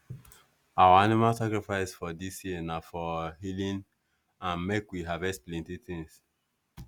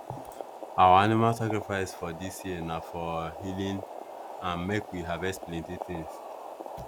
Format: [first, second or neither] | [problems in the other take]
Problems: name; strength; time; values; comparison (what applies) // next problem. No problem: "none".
first | background sound (Boiling); 12 dB below the speech